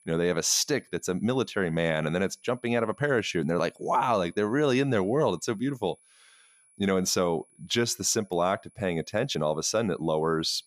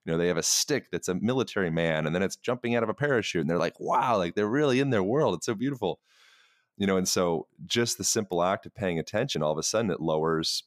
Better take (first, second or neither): second